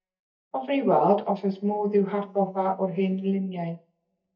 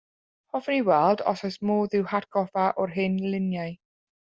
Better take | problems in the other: second | noise reduction (neural mask model DeepFilterNet 3)

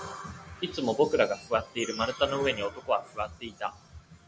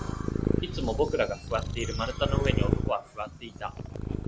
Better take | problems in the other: first | background sound (Purr); 2 dB above the speech

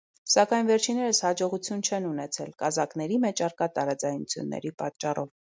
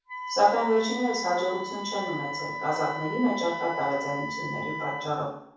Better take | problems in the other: first | background sound (Wind instrument, woodwind instrument); 8 dB below the speech // room echo; dies away in 0.7 s

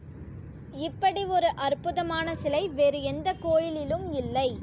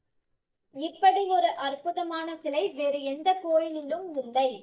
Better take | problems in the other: first | noise reduction (neural mask model DeepFilterNet 3)

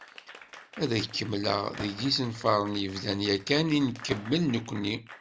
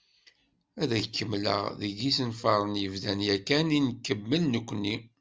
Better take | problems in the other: second | background sound (Gunshot, gunfire + Applause / Crowd); 17 dB below the speech

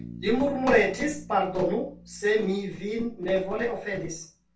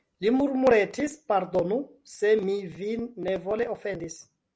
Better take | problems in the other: second | background sound (Bass guitar); 19 dB below the speech // room echo; dies away in 0.3 s

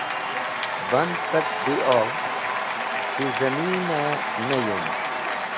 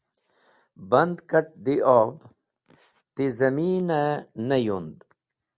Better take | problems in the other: second | background sound (Applause / Cheering); 1 dB above the speech

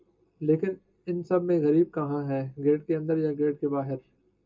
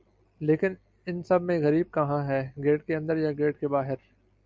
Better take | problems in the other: second | room echo; dies away in 0.2 s

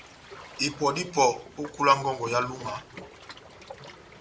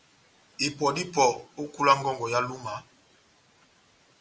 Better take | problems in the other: second | background sound (Waves, surf); 17 dB below the speech

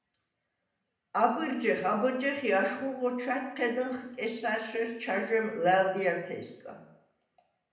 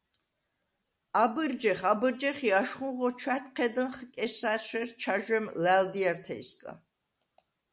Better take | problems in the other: second | room echo; dies away in 0.7 s

